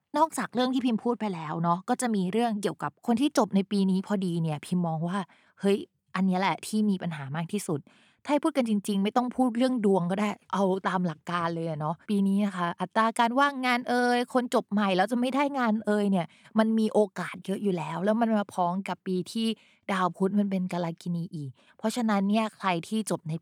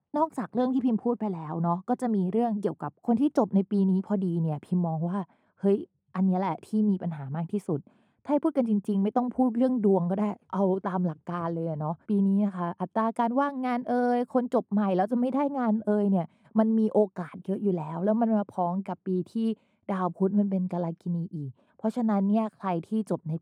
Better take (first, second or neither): first